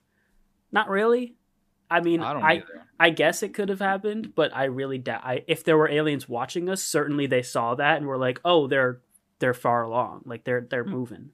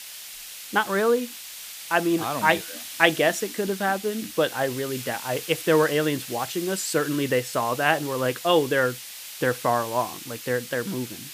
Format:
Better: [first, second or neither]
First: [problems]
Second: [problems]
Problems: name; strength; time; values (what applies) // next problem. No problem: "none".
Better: first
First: none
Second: hiss; noticeable; throughout; 10 dB below the speech